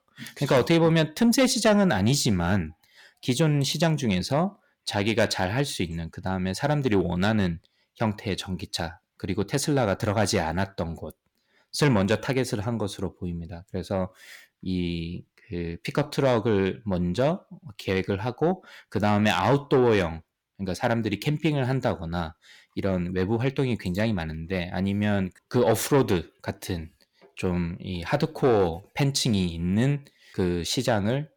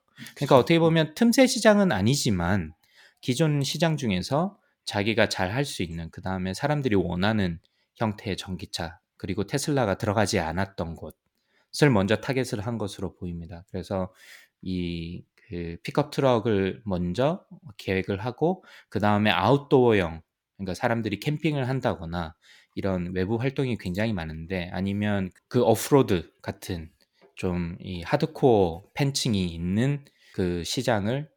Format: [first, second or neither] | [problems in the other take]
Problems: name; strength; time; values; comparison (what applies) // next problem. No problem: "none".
second | distortion; slight; 10 dB below the speech